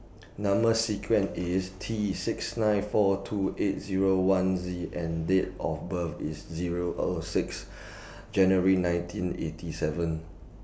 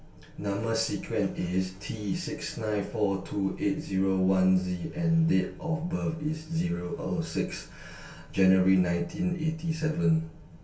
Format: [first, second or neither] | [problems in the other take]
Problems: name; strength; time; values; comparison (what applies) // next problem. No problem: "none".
first | room echo; dies away in 0.2 s